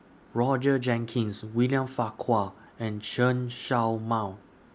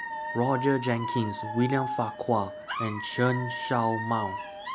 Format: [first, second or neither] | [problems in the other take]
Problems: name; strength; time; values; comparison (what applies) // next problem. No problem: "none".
first | background sound (Alarm / Dog); 6 dB below the speech